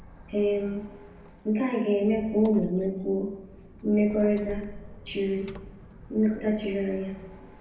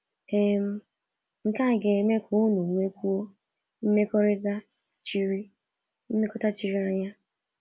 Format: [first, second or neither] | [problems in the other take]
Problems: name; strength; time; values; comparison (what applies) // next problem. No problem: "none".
second | background sound (Squeak); 18 dB below the speech // room echo; dies away in 0.9 s